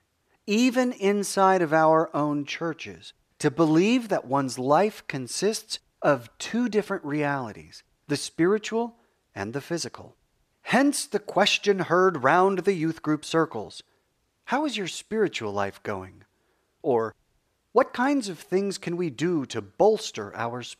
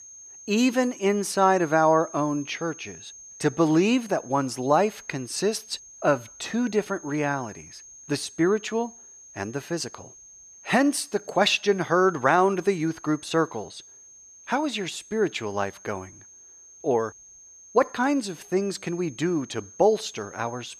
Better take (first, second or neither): first